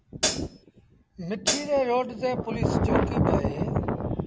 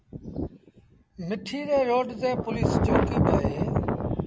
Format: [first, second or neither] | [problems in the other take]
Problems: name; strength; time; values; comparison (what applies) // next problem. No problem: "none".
second | background sound (Hi-hat); 2 dB below the speech